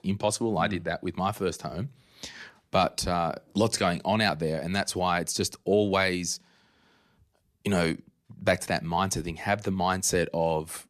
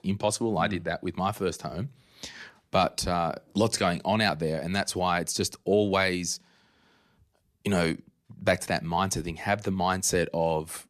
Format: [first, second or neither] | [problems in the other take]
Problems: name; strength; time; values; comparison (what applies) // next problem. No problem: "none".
neither | none